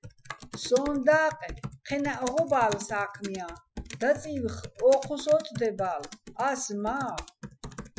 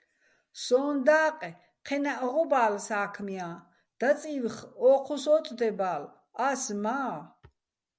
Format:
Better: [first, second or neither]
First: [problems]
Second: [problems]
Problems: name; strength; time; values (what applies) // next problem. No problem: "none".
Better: second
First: noise reduction (classical method Wiener filter)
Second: none